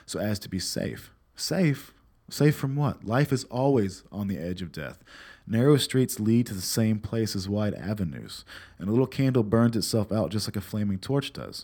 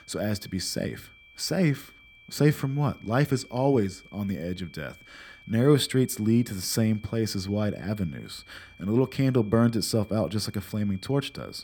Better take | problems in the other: first | high-pitched whine; faint; throughout; 2.5 kHz, 25 dB below the speech

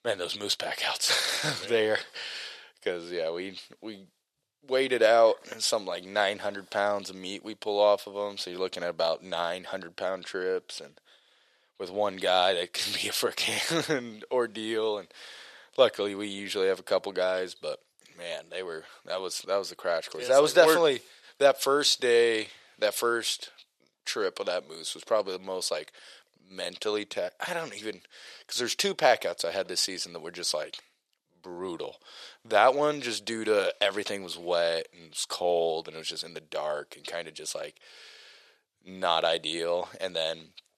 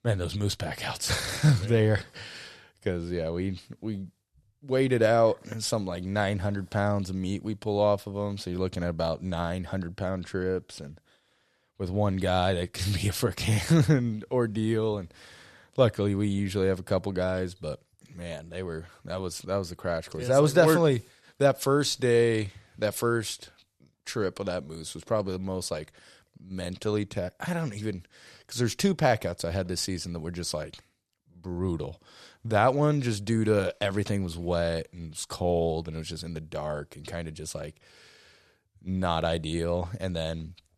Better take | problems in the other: second | thin; very; fading below 500 Hz

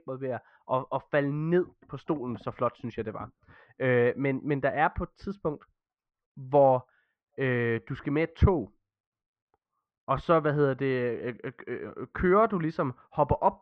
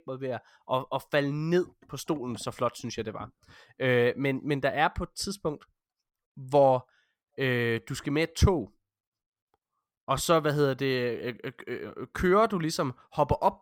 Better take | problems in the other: second | muffled; very; fading above 2 kHz

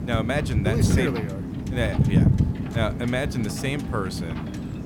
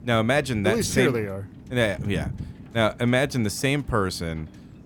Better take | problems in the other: second | wind noise on the microphone; heavy; 5 dB below the speech; occasional gusts in the second

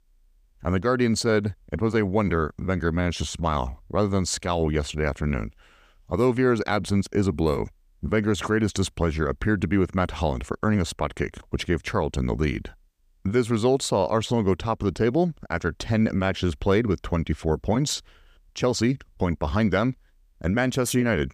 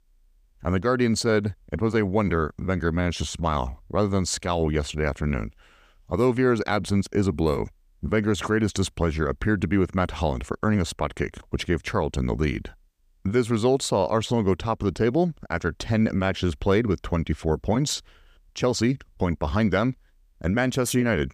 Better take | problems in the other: neither | none

